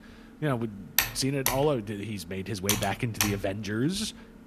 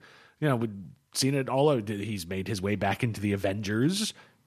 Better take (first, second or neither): second